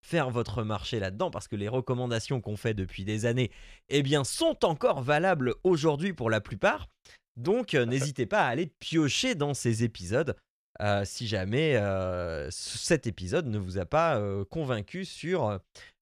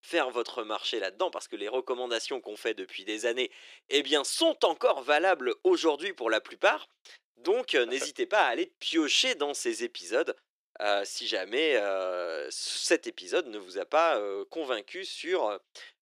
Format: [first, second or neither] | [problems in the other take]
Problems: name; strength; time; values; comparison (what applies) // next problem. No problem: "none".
first | thin; very; fading below 350 Hz